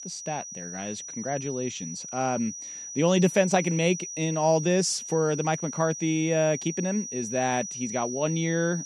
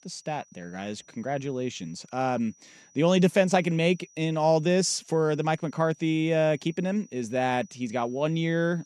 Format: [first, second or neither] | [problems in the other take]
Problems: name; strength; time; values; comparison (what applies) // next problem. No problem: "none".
second | high-pitched whine; loud; throughout; 6 kHz, 8 dB below the speech; faint in the second